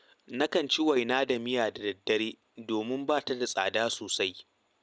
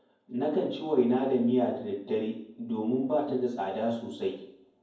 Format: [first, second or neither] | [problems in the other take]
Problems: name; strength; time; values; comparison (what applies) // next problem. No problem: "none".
first | room echo; dies away in 0.9 s